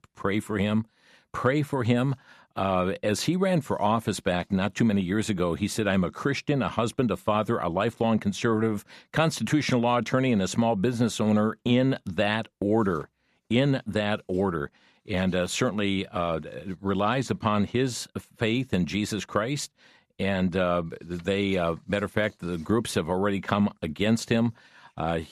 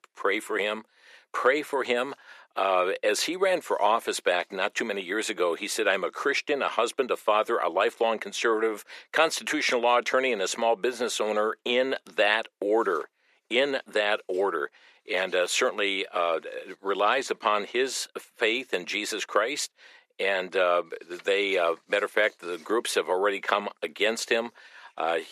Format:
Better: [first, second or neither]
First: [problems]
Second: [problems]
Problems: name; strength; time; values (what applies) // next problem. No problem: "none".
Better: first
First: none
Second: thin; very; fading below 400 Hz